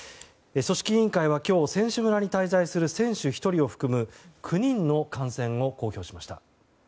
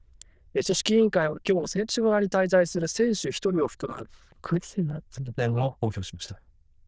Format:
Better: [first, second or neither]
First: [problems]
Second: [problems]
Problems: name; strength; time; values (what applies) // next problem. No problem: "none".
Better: first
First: none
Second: noise reduction (neural diffusion model UNIVERSE++)